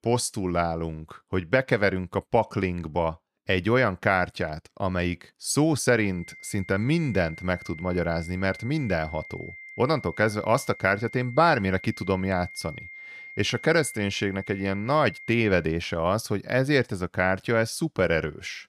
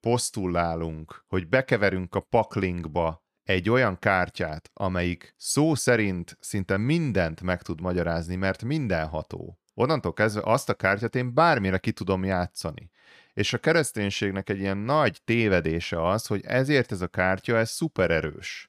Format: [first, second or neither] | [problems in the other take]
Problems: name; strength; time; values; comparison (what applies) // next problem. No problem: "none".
second | high-pitched whine; noticeable; from 6 to 16 s; 2 kHz, 15 dB below the speech